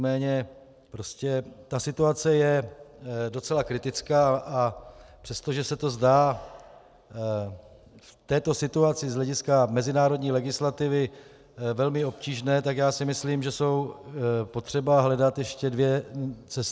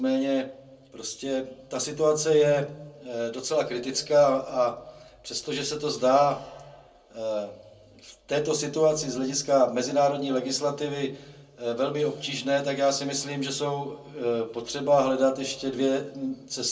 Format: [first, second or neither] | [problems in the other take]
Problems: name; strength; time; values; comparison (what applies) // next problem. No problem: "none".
first | room echo; dies away in 0.2 s